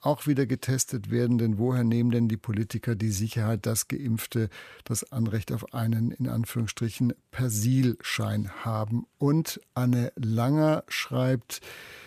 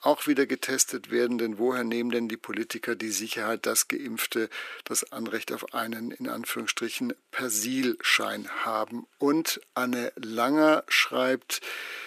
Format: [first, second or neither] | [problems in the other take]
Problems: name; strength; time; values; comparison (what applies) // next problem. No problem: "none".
first | thin; somewhat; fading below 300 Hz